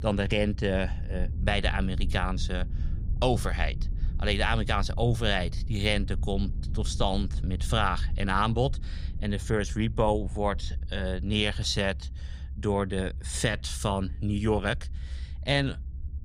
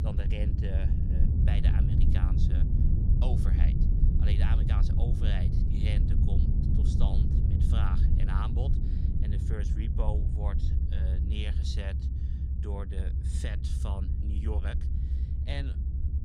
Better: first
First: low rumble; faint; throughout; 20 dB below the speech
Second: low rumble; loud; throughout; as loud as the speech

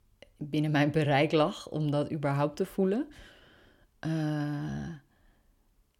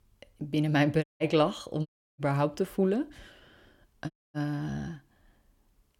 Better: first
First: none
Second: audio cutting out; at 1 s, at 2 s and at 4 s

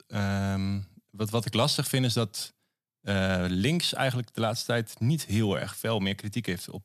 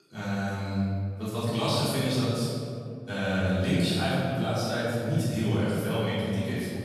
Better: first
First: none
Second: off-mic speech; far // room echo; strong; dies away in 2.3 s

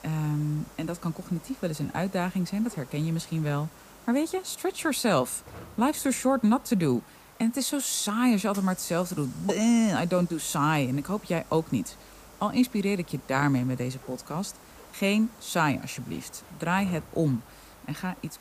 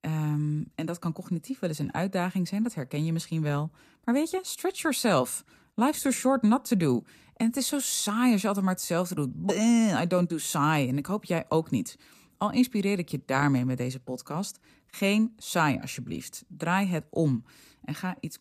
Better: second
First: hiss; faint; throughout; 20 dB below the speech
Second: none

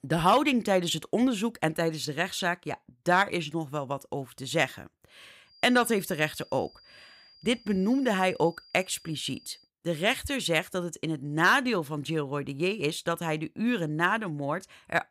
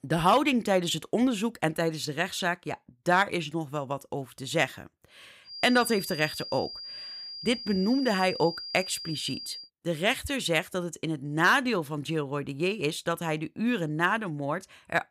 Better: first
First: high-pitched whine; faint; from 5.5 to 9.5 s; 5 kHz, 25 dB below the speech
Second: high-pitched whine; loud; from 5.5 to 9.5 s; 5 kHz, 9 dB below the speech

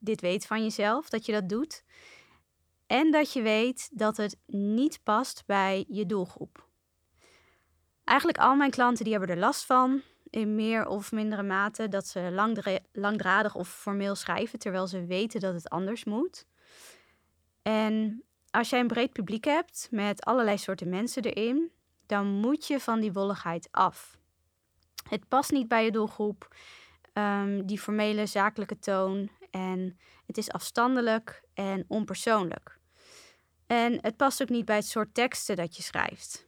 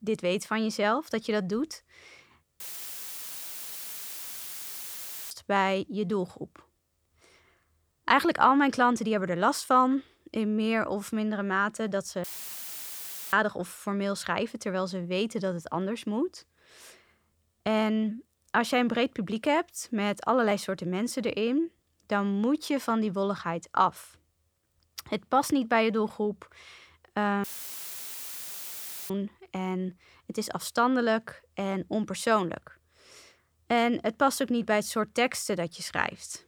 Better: first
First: none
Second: audio cutting out; filled with static; at 2.5 s for 2.5 s, at 12 s for 1 s and at 27 s for 1.5 s

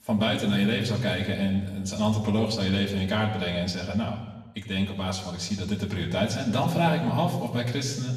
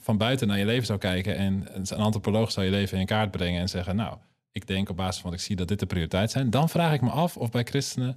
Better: second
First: room echo; noticeable; dies away in 1 s // off-mic speech; far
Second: none

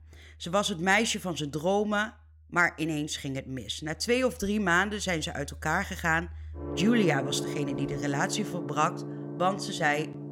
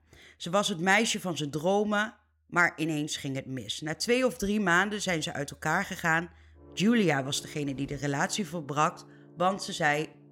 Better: second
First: background music; loud; throughout; 9 dB below the speech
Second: background music; faint; throughout; 25 dB below the speech

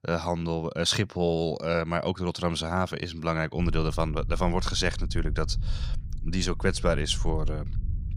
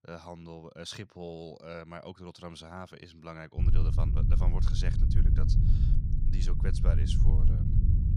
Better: first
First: low rumble; faint; from 3.5 s on; 20 dB below the speech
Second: low rumble; loud; from 3.5 s on; 1 dB below the speech

